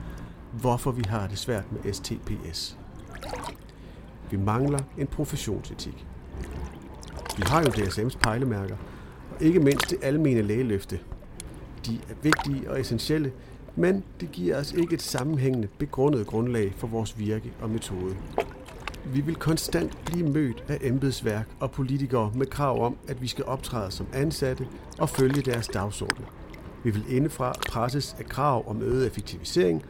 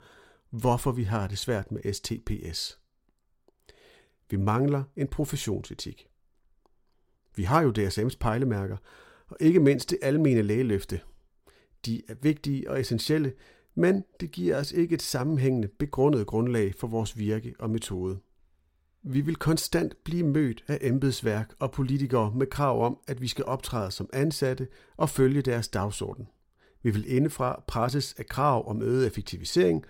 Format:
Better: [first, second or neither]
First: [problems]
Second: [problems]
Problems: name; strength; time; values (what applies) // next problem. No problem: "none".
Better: second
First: rain or running water; noticeable; throughout; 10 dB below the speech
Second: none